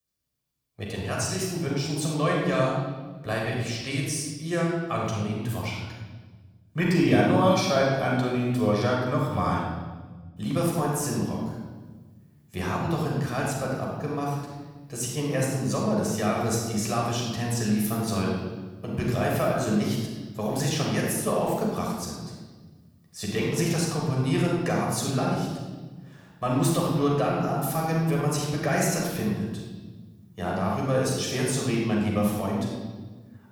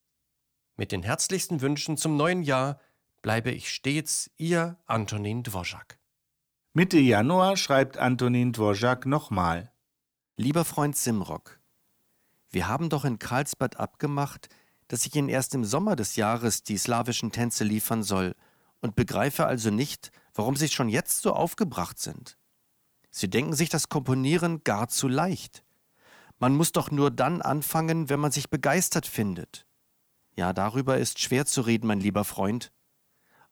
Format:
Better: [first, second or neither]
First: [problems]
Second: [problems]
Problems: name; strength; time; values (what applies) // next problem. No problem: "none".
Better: second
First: off-mic speech; far // room echo; noticeable; dies away in 1.3 s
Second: none